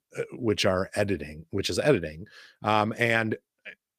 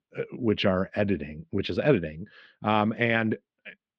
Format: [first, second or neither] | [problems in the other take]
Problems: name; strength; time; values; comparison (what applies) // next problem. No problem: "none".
first | muffled; slightly; fading above 3.5 kHz